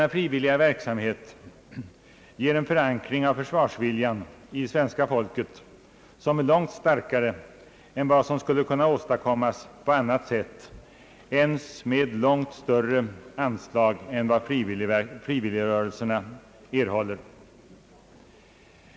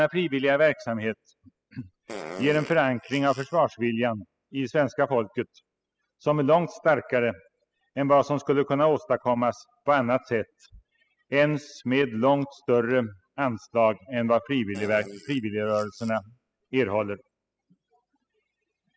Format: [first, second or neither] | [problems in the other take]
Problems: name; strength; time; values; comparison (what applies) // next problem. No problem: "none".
first | noise reduction (classical method spectral subtraction)